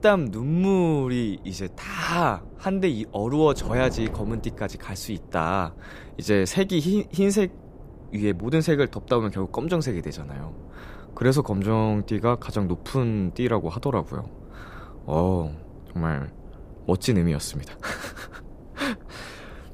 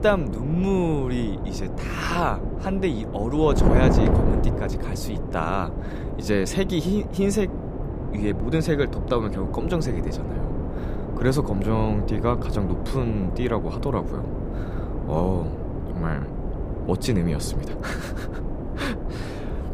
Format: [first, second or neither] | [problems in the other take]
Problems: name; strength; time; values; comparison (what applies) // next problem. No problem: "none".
first | wind noise on the microphone; heavy; 6 dB below the speech; occasional gusts in the first